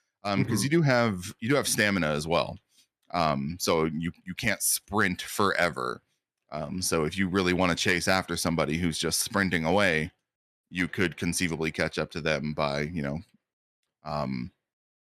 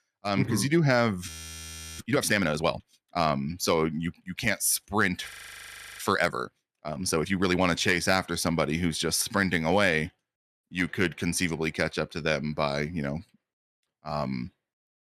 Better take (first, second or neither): first